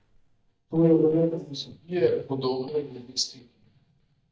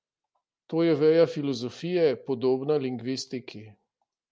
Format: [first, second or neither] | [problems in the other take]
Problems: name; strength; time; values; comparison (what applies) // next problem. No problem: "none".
second | noise reduction (neural mask model DeepFilterNet 3)